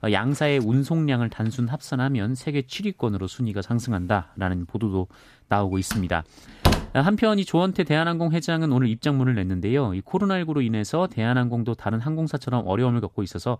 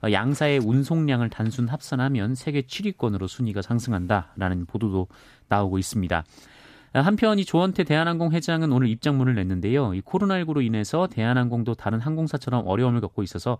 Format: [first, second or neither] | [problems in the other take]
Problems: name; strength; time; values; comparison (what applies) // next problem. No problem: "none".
second | door banging; loud; at 6 s; peak 2 dB above the speech